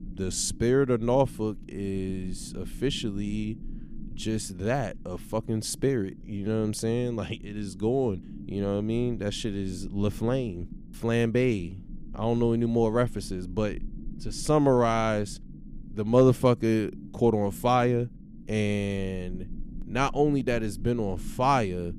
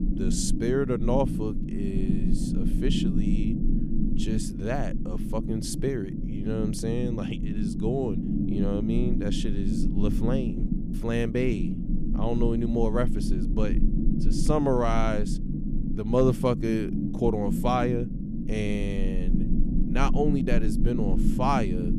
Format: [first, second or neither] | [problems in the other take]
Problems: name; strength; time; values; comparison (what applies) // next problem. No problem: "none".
first | low rumble; loud; throughout; 6 dB below the speech; faint in the first